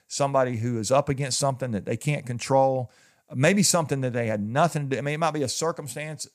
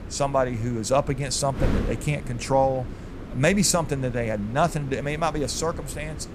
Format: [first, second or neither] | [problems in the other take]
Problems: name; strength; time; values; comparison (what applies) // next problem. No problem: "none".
first | wind noise on the microphone; occasional gusts; 15 dB below the speech